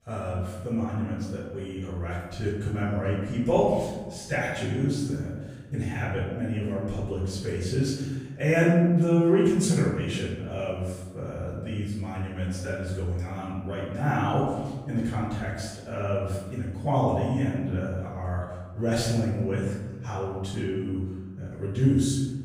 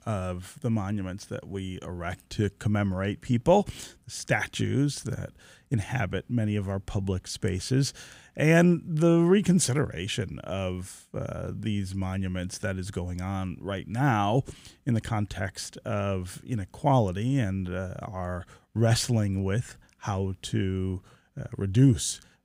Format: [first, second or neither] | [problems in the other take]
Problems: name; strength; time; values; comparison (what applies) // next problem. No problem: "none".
second | off-mic speech; far // room echo; noticeable; dies away in 1.2 s